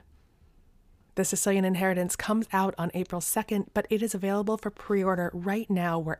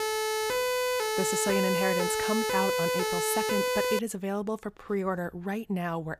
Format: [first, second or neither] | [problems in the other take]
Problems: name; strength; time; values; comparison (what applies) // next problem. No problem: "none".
first | siren; loud; until 4 s; peak 4 dB above the speech